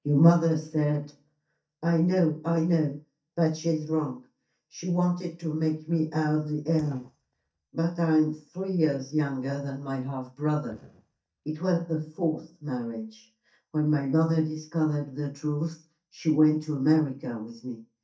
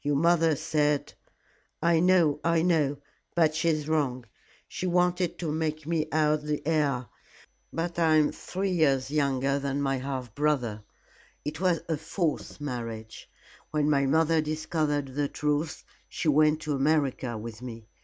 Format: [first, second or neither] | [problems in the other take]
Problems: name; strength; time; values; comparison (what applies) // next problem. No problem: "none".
second | noise reduction (neural mask model DeepFilterNet 3)